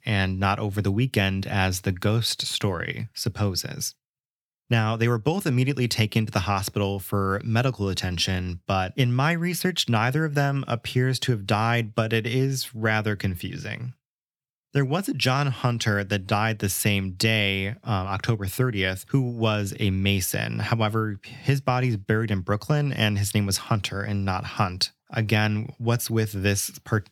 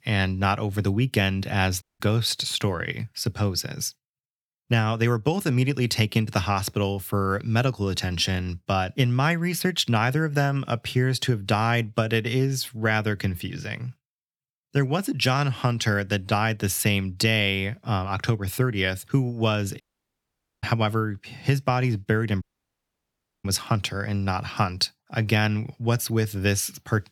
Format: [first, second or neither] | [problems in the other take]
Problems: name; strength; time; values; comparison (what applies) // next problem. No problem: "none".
first | audio cutting out; at 2 s, at 20 s for 1 s and at 22 s for 1 s